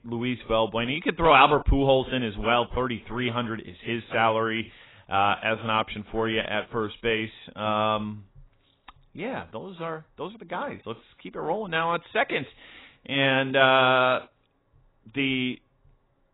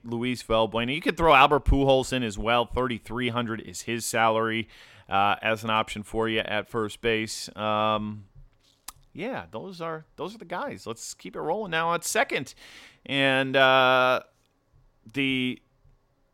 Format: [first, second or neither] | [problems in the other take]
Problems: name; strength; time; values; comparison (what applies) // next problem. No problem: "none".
second | garbled, watery; badly; nothing above 3.5 kHz